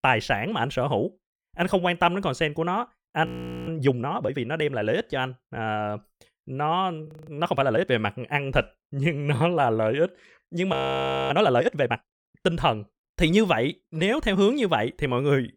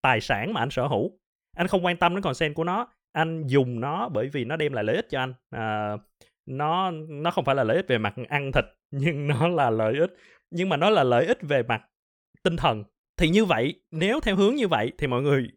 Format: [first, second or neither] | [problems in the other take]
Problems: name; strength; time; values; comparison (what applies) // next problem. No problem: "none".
second | audio freezing; at 3.5 s, at 7 s and at 11 s for 0.5 s